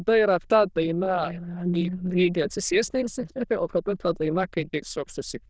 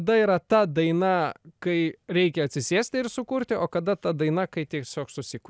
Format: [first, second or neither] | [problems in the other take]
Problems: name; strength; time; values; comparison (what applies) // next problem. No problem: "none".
second | noise reduction (neural diffusion model UNIVERSE++)